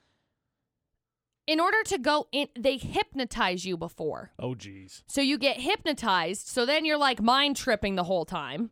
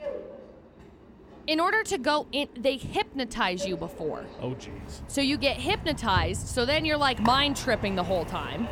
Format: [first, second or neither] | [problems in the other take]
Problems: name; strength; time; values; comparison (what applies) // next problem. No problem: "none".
first | train or aircraft noise; noticeable; throughout; 10 dB below the speech